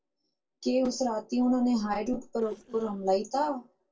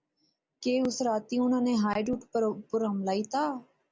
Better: second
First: noise reduction (neural separator model SepFormer DNS4)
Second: none

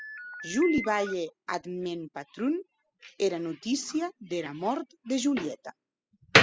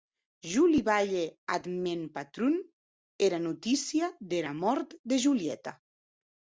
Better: second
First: noise reduction (classical method spectral subtraction)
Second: none

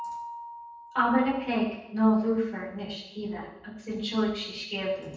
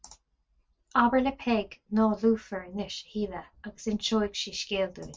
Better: second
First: background sound (Mallet percussion); 18 dB below the speech // room echo; dies away in 0.9 s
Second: none

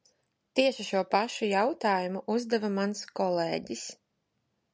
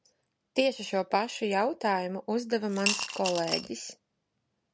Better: first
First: none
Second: background sound (Coin (dropping) / Glass); 3 dB below the speech

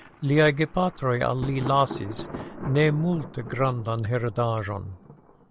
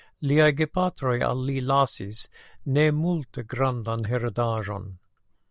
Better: second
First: background sound (Thunder); 14 dB below the speech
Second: none

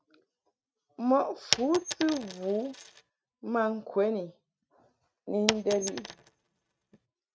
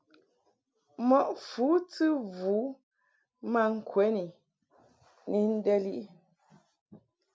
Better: second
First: noise reduction (neural mask model RNNoise)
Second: none

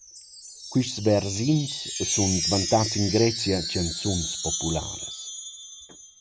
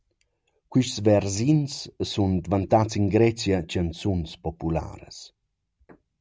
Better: second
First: background sound (Wind chime); 5 dB below the speech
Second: none

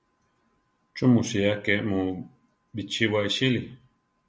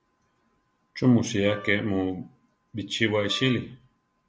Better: first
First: none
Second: background sound (Wind instrument, woodwind instrument); 18 dB below the speech

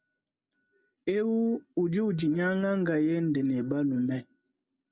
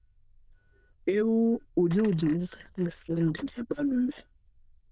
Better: first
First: none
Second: noise reduction (neural diffusion model UNIVERSE++)

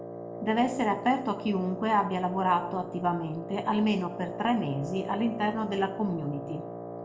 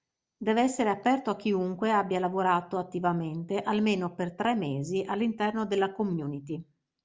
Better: second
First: background sound (Wind instrument, woodwind instrument); 10 dB below the speech // room echo; dies away in 0.5 s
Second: none

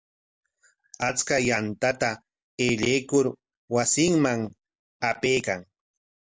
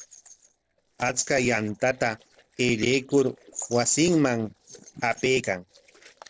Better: first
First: none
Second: noise reduction (neural separator model SepFormer DNS4)

